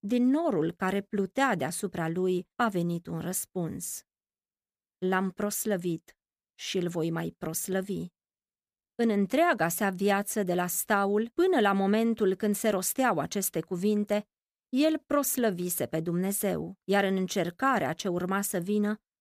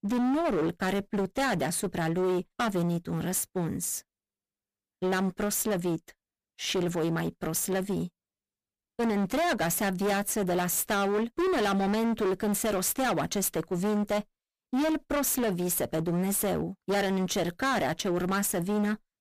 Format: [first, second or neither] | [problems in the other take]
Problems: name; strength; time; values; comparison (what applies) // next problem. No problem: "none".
first | distortion; heavy; 22% of the sound clipped